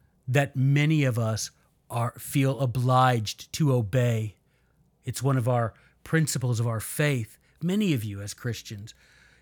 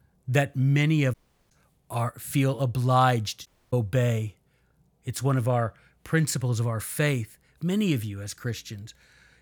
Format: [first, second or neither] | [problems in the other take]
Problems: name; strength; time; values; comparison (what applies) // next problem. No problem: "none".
first | audio cutting out; at 1 s and at 3.5 s